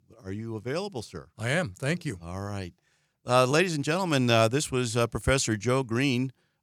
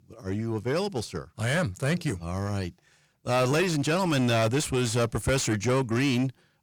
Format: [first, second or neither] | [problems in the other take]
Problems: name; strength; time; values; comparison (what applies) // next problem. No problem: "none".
first | distortion; heavy; 7 dB below the speech